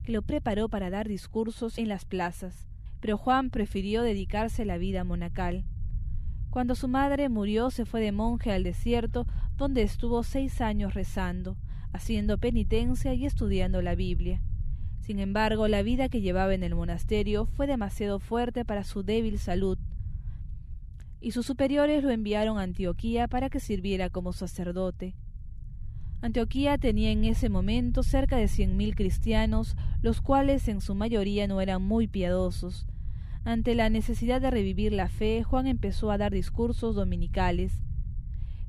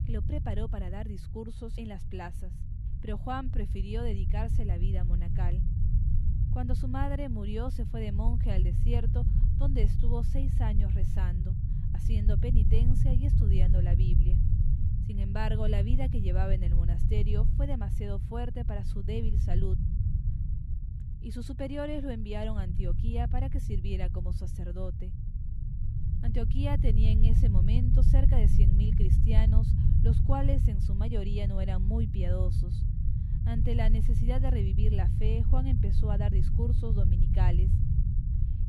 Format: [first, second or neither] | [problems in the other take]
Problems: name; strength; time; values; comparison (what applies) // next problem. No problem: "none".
first | low rumble; loud; throughout; 4 dB below the speech; faint in the first